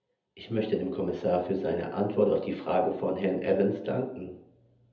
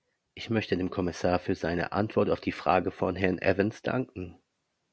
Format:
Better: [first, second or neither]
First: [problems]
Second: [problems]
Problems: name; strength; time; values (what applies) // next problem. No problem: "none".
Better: second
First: room echo; dies away in 0.7 s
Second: none